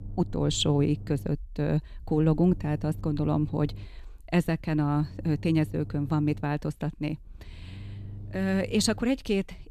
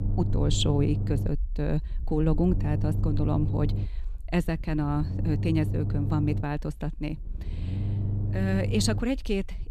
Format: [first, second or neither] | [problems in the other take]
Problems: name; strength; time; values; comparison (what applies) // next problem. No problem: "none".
first | low rumble; loud; throughout; 10 dB below the speech; faint in the first